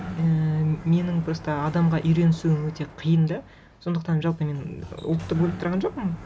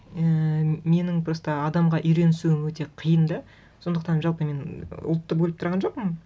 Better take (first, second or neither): second